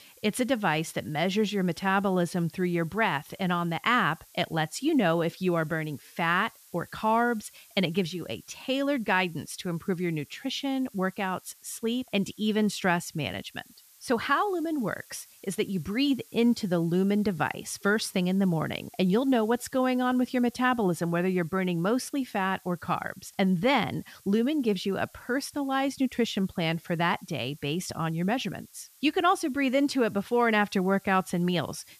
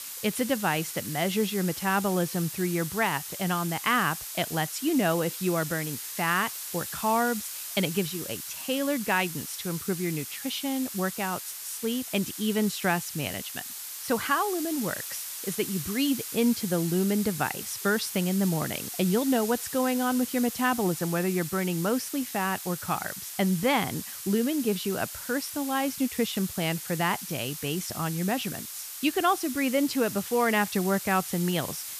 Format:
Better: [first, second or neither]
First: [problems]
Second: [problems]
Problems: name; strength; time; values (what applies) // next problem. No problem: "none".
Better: first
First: hiss; faint; throughout; 25 dB below the speech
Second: hiss; loud; throughout; 7 dB below the speech